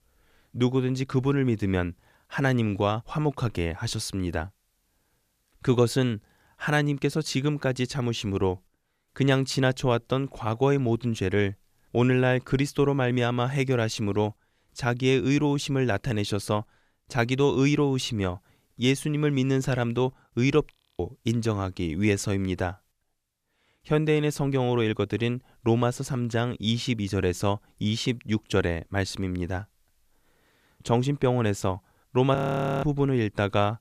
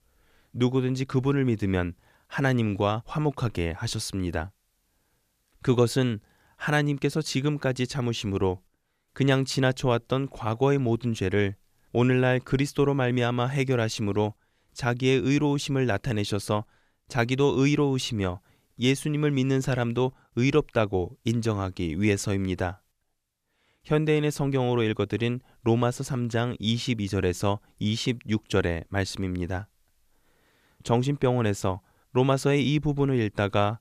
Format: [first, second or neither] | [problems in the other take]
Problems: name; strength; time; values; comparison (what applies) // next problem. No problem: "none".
second | audio freezing; at 21 s and at 32 s